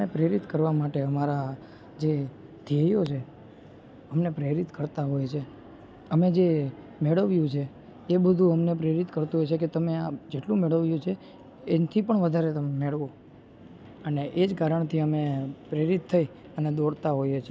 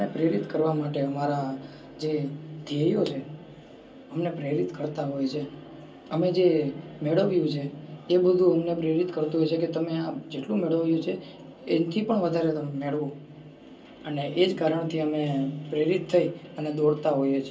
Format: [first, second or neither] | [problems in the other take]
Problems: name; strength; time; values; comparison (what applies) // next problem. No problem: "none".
first | room echo; dies away in 0.3 s